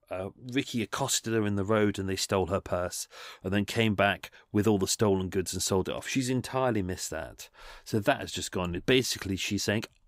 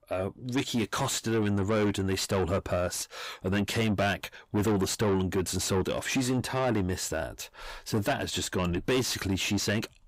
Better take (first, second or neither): first